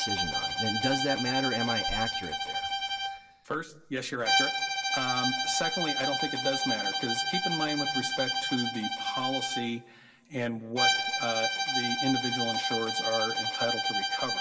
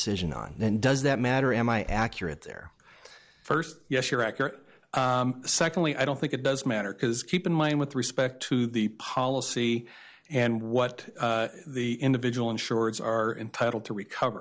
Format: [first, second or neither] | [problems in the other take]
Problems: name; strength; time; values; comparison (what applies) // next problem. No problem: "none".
second | background sound (Bowed string instrument); 3 dB above the speech // room echo; dies away in 1.8 s